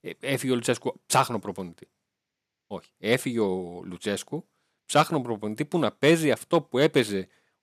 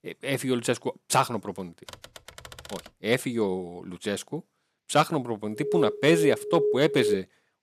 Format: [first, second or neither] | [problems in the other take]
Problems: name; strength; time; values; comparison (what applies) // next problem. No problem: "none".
first | keyboard typing; faint; from 2 to 3 s; peak 15 dB below the speech // alarm; noticeable; from 5.5 s on; peak 1 dB below the speech